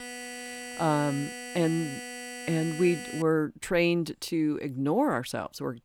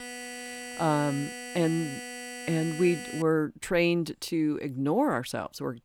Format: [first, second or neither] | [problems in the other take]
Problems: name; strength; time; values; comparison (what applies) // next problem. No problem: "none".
neither | alarm; noticeable; until 3 s; peak 9 dB below the speech; the same in both